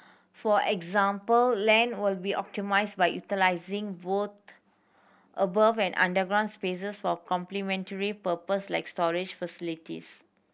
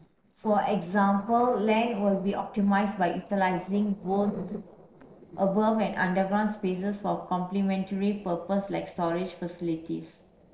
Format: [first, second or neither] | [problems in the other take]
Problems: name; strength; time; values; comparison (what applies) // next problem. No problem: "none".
first | noise reduction (neural separator model SepFormer DNS4)